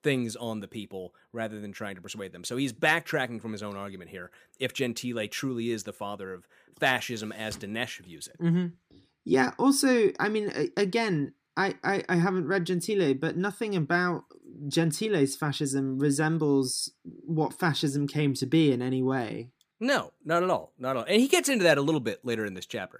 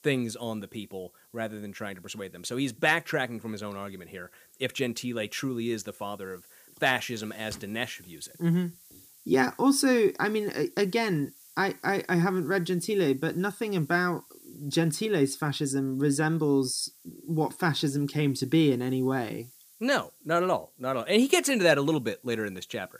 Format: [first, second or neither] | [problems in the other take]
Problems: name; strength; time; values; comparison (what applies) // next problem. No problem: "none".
first | hiss; faint; throughout; 25 dB below the speech